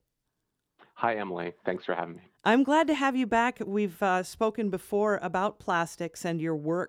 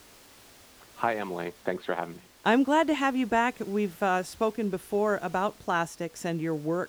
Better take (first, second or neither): first